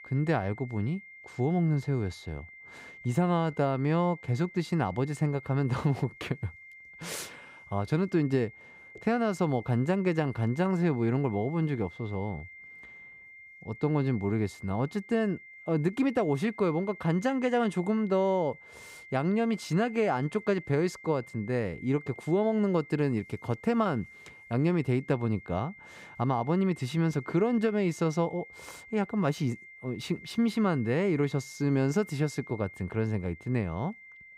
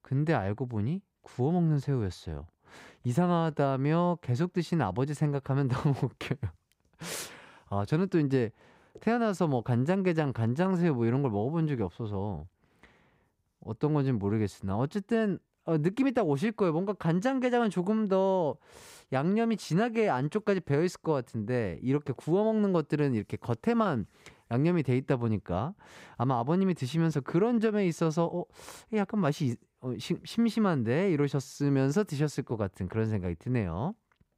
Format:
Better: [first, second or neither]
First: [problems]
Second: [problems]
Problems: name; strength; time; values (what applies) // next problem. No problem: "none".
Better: second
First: high-pitched whine; noticeable; throughout; 2 kHz, 20 dB below the speech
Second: none